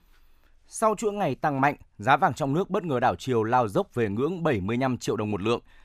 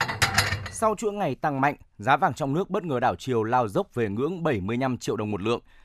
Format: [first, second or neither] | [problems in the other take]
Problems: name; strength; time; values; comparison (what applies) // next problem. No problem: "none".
first | clattering dishes; loud; at the start; peak 4 dB above the speech